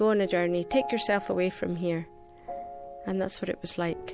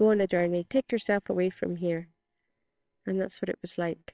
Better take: first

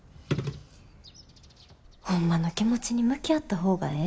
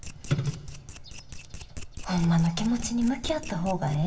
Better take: first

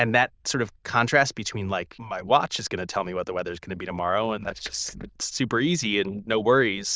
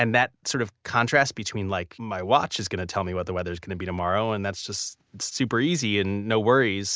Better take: second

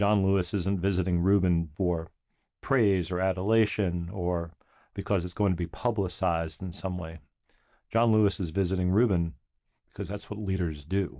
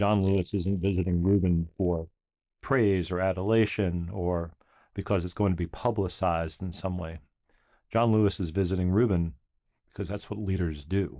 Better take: first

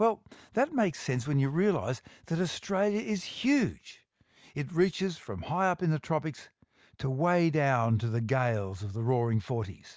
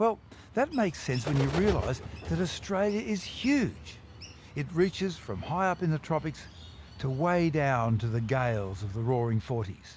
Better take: first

